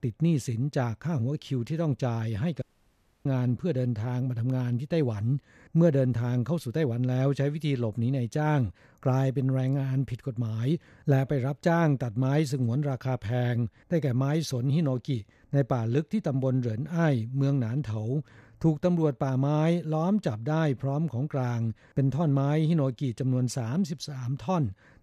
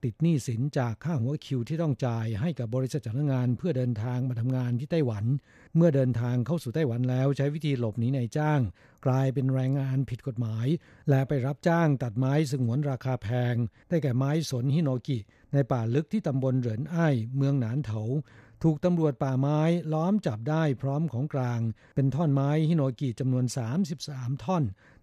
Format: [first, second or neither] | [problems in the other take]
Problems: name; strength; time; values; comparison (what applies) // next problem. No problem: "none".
second | audio cutting out; at 2.5 s for 0.5 s